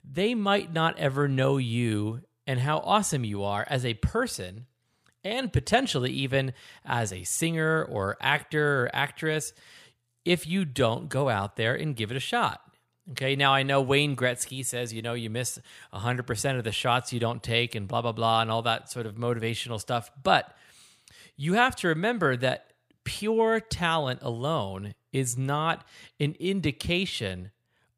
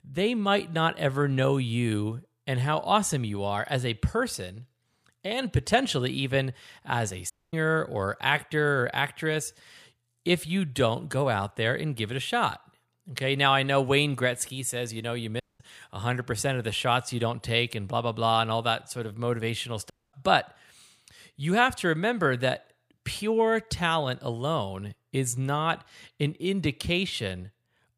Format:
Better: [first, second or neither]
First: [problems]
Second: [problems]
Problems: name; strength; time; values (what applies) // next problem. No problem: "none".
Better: first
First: none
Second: audio cutting out; at 7.5 s, at 15 s and at 20 s